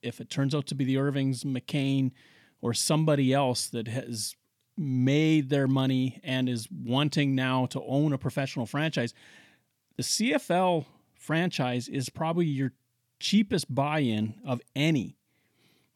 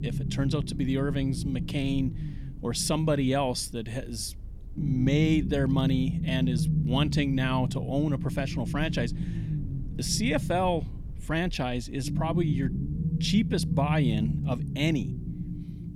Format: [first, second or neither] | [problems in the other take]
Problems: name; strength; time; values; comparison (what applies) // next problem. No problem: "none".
first | low rumble; loud; throughout; 10 dB below the speech